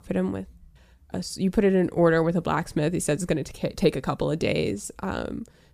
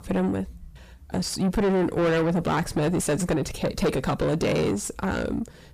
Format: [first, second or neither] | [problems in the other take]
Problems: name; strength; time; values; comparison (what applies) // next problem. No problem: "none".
first | distortion; heavy; 6 dB below the speech